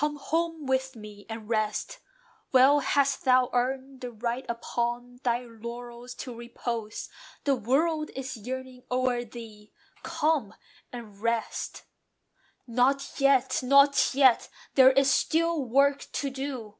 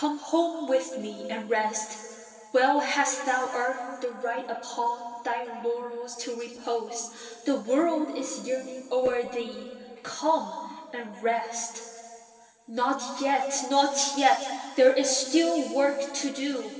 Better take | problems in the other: first | room echo; dies away in 2.5 s

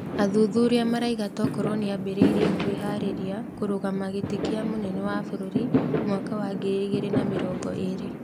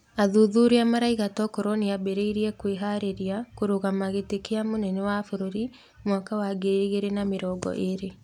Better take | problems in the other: second | background sound (Fireworks); 1 dB below the speech

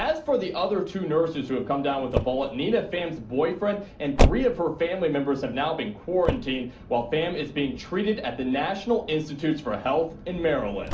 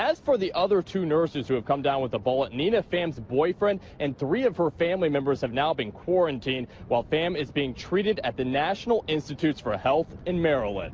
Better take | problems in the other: second | background sound (Motor vehicle (road)); 6 dB below the speech // room echo; dies away in 0.4 s

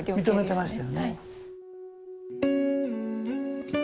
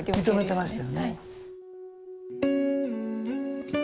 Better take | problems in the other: first | background sound (Shatter); 16 dB below the speech

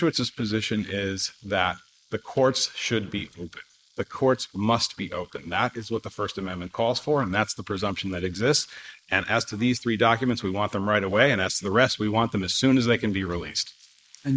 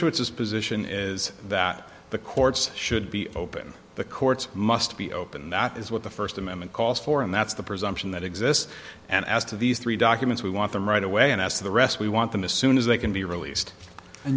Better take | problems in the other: second | noise reduction (neural mask model Resemble Enhance denoiser)

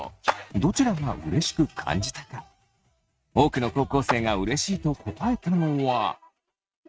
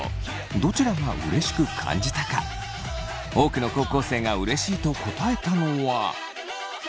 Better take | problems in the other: second | noise reduction (neural mask model RNNoise)

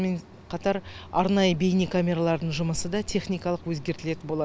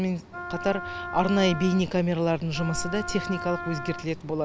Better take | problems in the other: first | background sound (Wind instrument, woodwind instrument); 10 dB below the speech

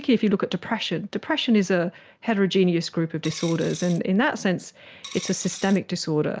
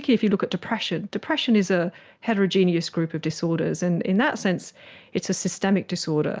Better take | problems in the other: second | background sound (Coin (dropping)); 16 dB below the speech

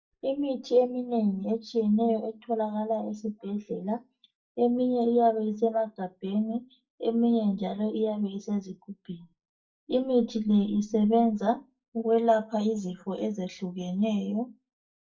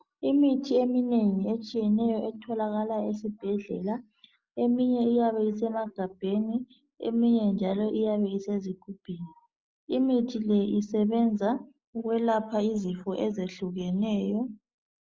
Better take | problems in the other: second | noise reduction (neural mask model DeepFilterNet 3)

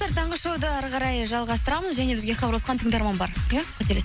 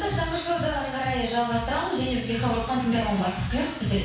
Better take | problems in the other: first | room echo; dies away in 0.7 s

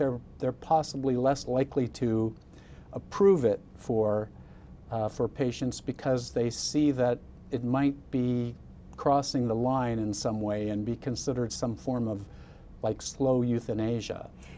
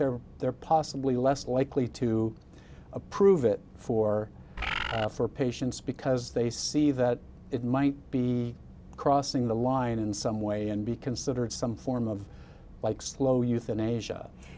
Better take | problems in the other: first | background sound (Bird); 3 dB below the speech

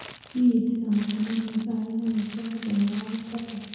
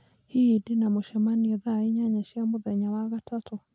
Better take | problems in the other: second | background sound (Crumpling, crinkling); 18 dB below the speech // room echo; dies away in 1 s

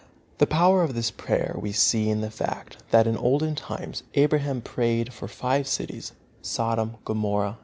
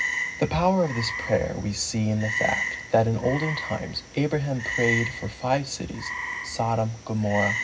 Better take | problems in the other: first | background sound (Frog); 6 dB below the speech // room echo; dies away in 0.4 s

